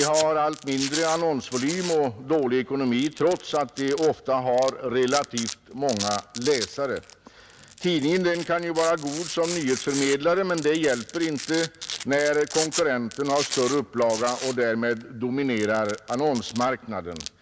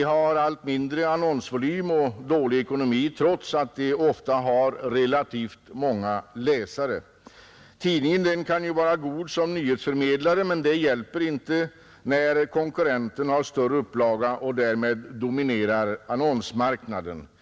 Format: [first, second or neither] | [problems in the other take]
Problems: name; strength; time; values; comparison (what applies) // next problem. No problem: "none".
second | background sound (Domestic sounds, home sounds); 12 dB below the speech